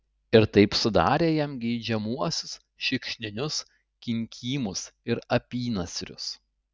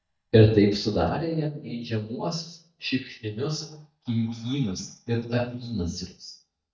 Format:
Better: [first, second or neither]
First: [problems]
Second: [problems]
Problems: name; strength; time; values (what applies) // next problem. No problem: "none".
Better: first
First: none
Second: noise reduction (neural mask model DeepFilterNet 3)